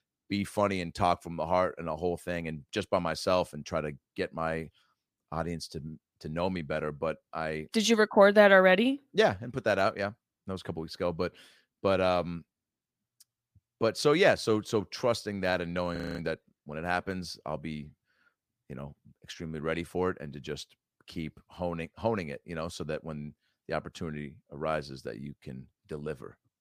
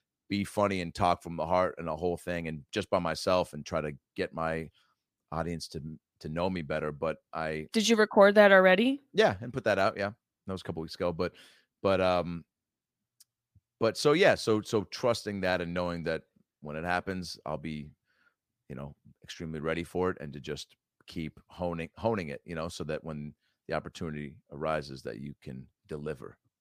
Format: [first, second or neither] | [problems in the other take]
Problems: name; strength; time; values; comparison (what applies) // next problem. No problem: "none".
second | audio freezing; at 16 s